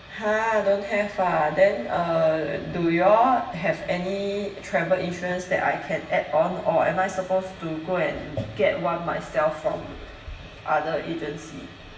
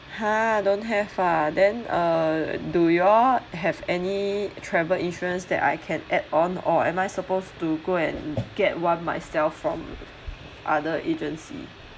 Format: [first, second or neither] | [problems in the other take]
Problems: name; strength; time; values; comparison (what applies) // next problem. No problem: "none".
second | room echo; dies away in 1.1 s